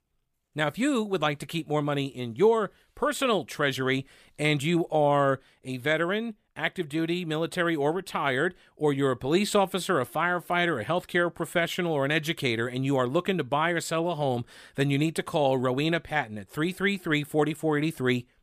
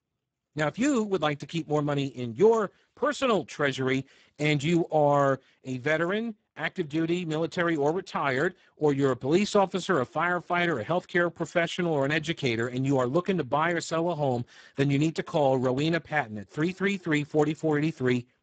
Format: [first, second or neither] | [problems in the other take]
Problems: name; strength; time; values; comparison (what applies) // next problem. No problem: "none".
first | garbled, watery; badly; nothing above 7.5 kHz